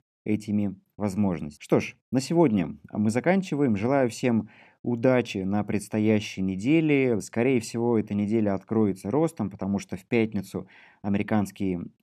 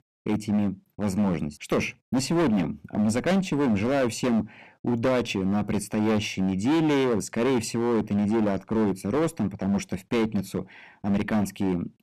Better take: first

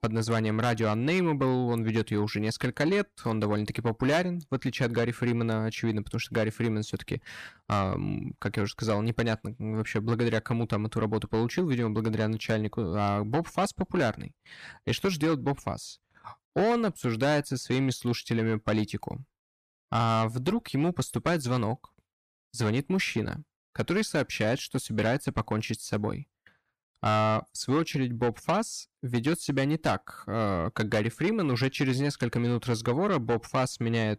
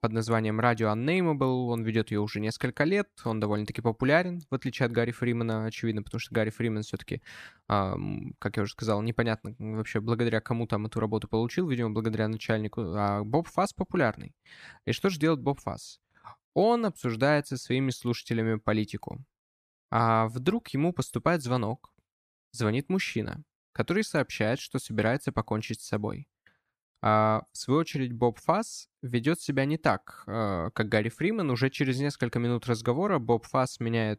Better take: second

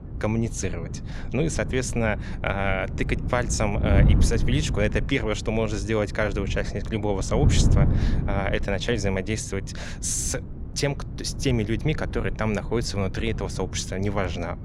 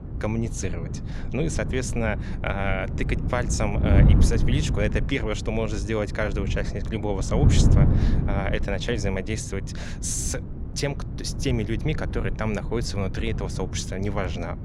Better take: first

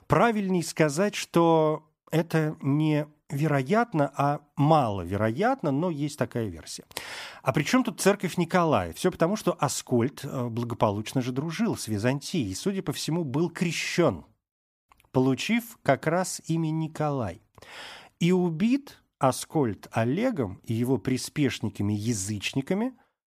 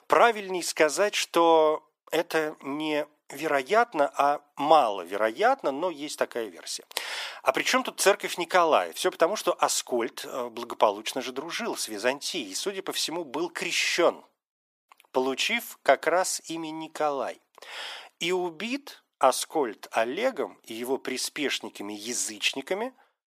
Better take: first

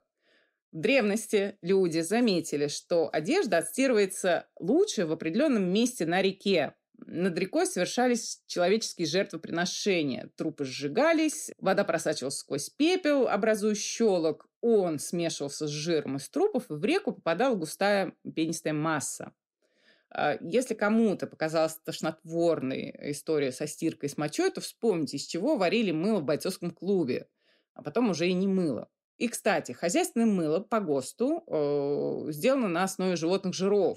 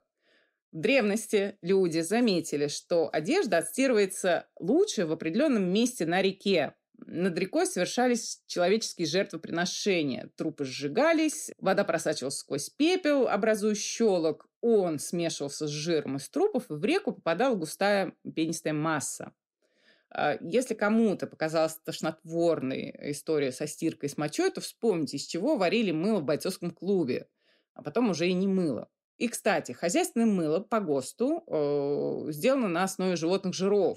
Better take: neither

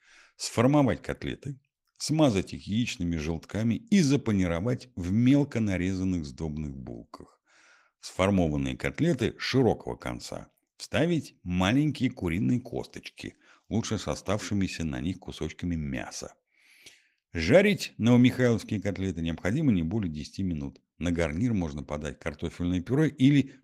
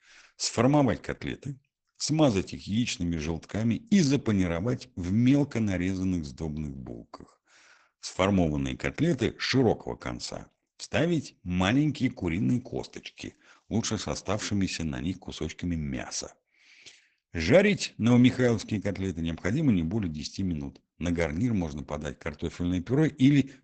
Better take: first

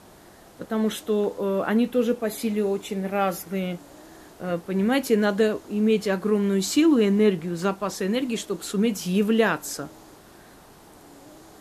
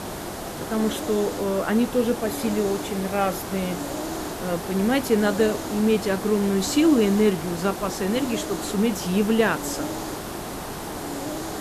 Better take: first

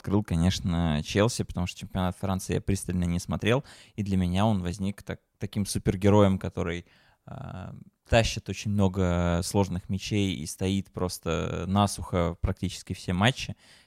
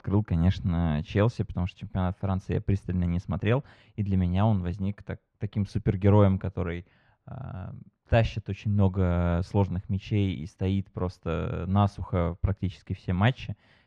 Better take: first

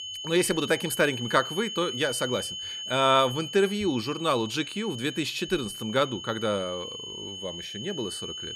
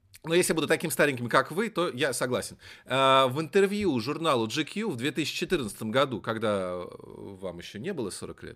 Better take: second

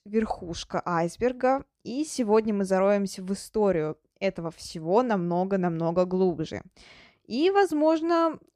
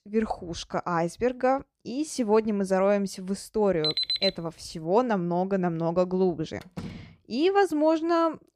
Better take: first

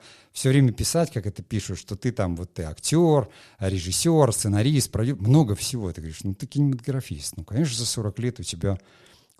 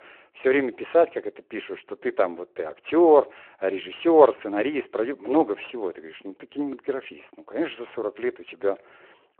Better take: first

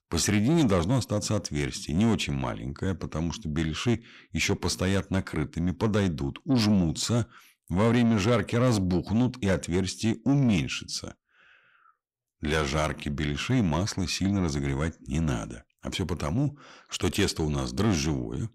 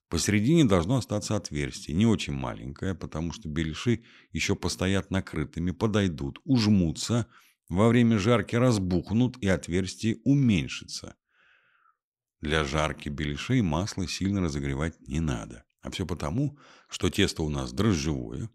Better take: second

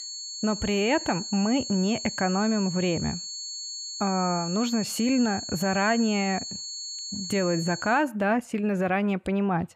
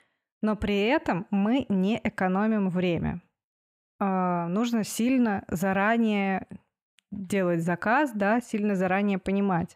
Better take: second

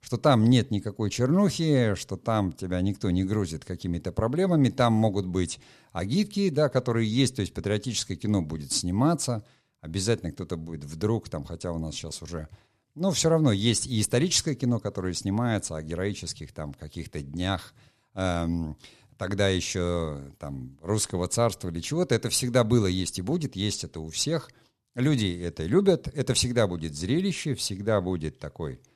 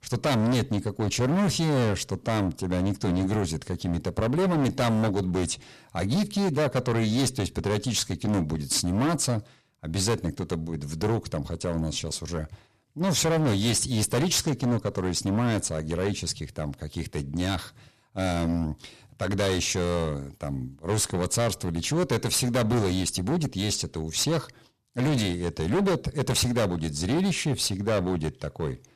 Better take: first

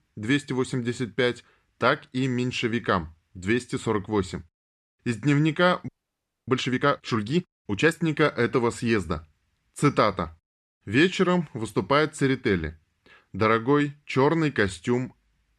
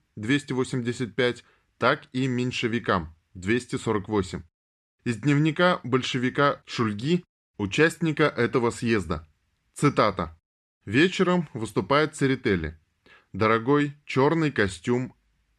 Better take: second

